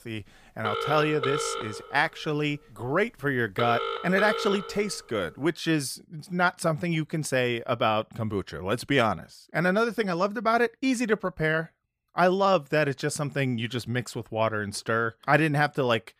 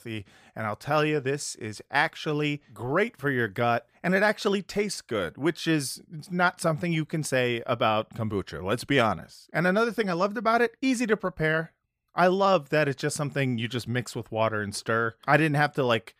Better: second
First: phone ringing; noticeable; from 0.5 to 5 s; peak 3 dB below the speech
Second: none

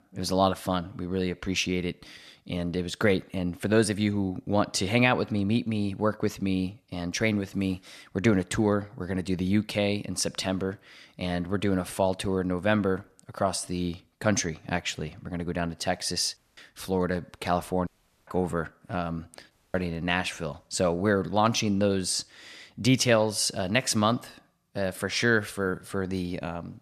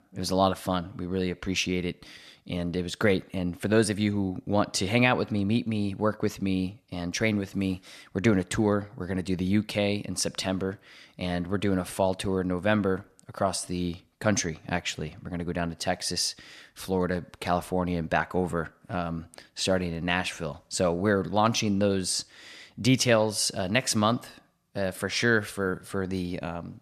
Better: second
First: audio cutting out; at 16 s, at 18 s and at 20 s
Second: none

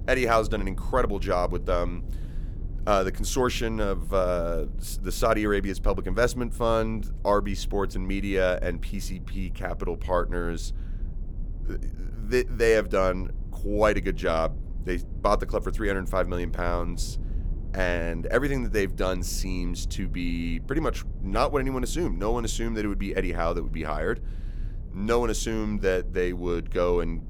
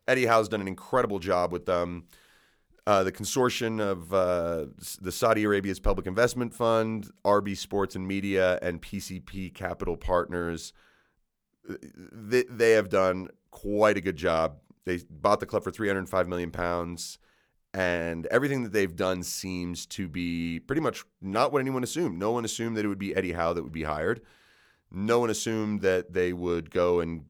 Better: second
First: low rumble; faint; throughout; 25 dB below the speech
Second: none

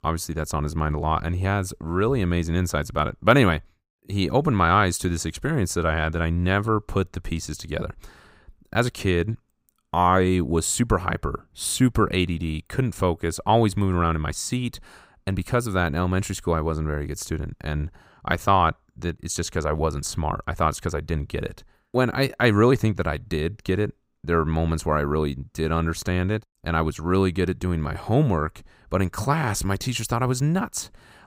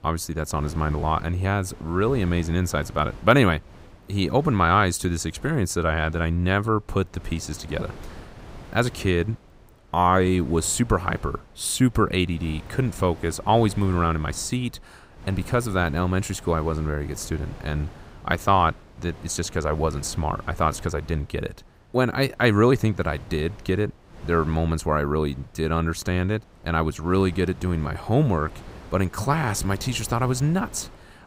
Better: first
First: none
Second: wind noise on the microphone; occasional gusts; 20 dB below the speech

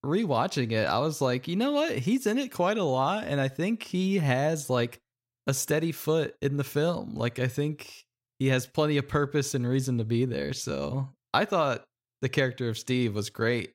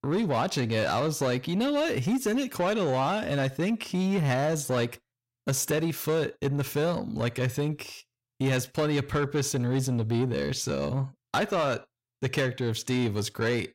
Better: first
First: none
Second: distortion; slight; 10 dB below the speech

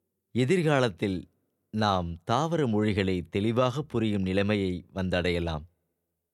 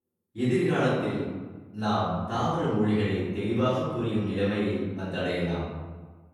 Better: first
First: none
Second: off-mic speech; far // room echo; strong; dies away in 1.2 s

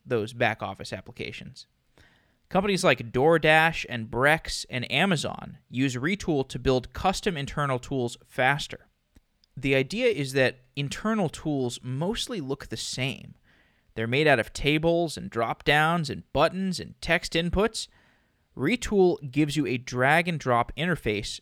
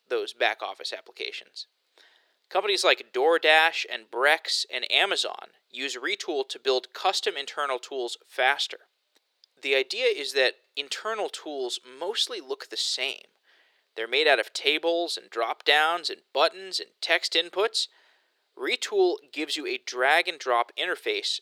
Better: first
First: none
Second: thin; very; fading below 350 Hz

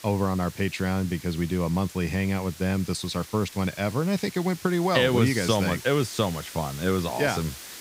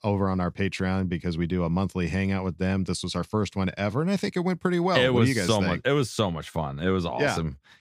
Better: second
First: hiss; noticeable; throughout; 15 dB below the speech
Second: none

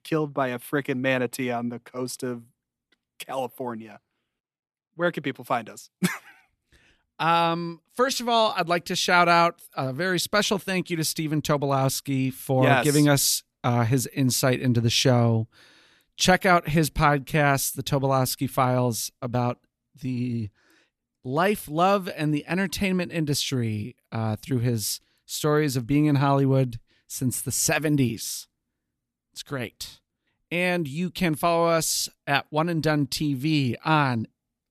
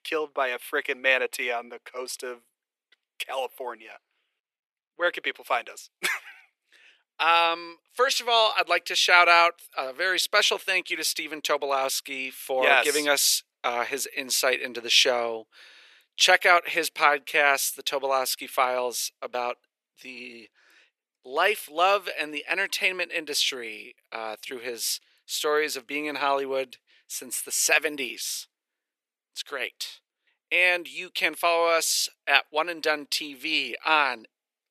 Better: first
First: none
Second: thin; very; fading below 450 Hz

